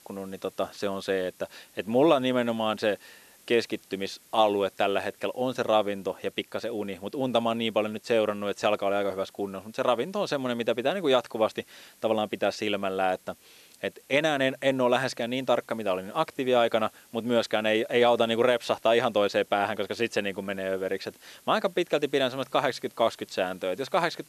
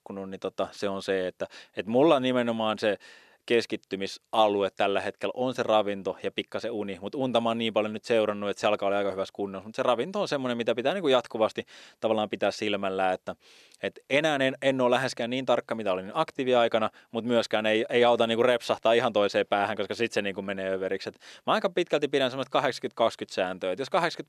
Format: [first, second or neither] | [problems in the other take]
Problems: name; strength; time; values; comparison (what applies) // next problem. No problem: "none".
second | hiss; faint; throughout; 25 dB below the speech